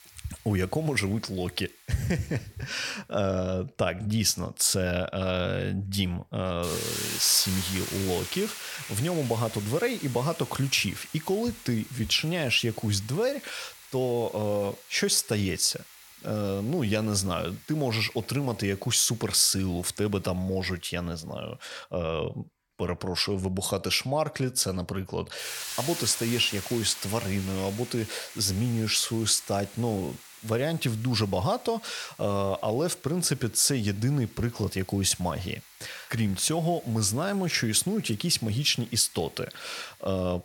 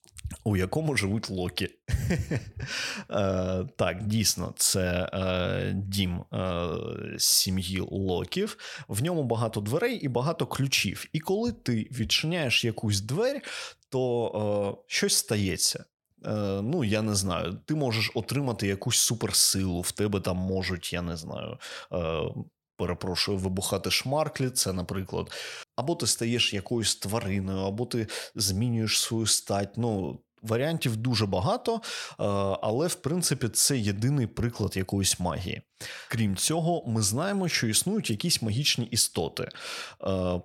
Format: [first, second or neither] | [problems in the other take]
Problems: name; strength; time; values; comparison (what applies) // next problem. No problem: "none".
second | hiss; noticeable; throughout; 15 dB below the speech